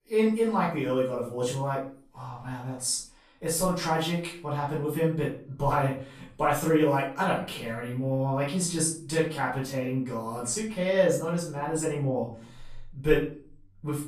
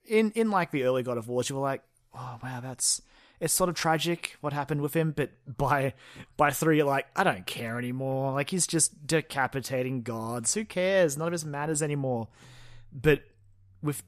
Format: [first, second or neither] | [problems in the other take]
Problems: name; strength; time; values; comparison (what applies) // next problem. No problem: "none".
second | off-mic speech; far // room echo; noticeable; dies away in 0.4 s